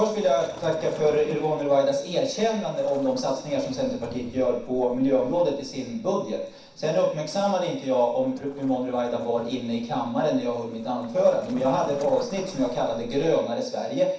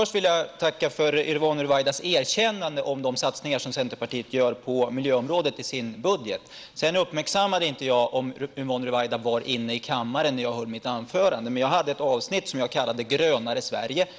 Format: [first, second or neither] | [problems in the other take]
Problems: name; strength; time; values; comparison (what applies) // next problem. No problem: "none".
second | background sound (Waves, surf); 20 dB below the speech // room echo; dies away in 0.7 s